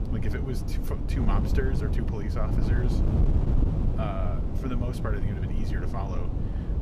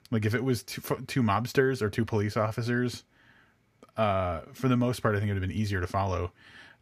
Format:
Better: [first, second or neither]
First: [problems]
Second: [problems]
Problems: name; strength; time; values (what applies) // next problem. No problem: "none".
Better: second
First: wind noise on the microphone; heavy; 1 dB below the speech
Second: none